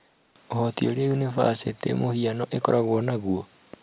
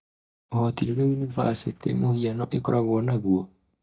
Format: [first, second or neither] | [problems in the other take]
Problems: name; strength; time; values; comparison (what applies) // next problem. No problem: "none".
first | noise reduction (neural mask model DeepFilterNet 3)